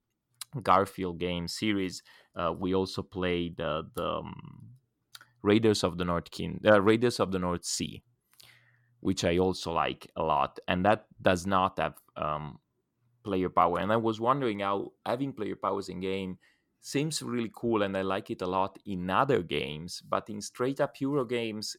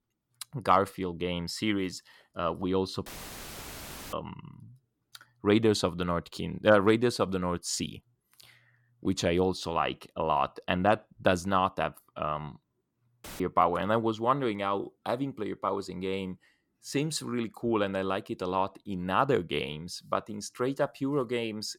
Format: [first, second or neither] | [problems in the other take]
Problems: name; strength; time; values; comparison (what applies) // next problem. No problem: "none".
first | audio cutting out; filled with static; at 3 s for 1 s and at 13 s